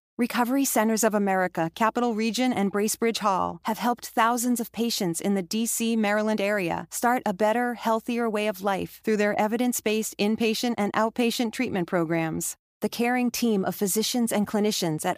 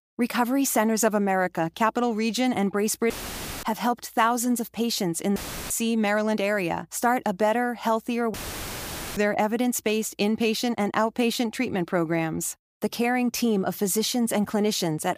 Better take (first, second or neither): first